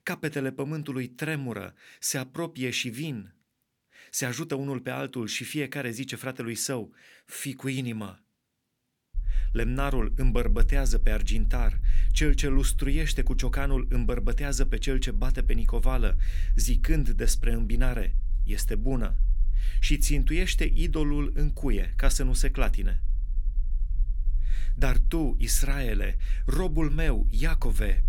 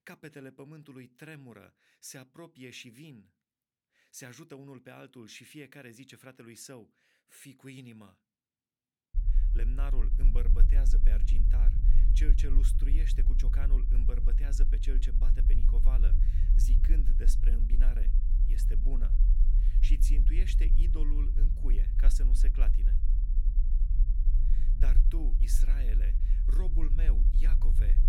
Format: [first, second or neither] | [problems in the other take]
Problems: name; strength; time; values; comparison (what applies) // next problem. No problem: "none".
first | low rumble; loud; from 9 s on; 5 dB below the speech; faint in the first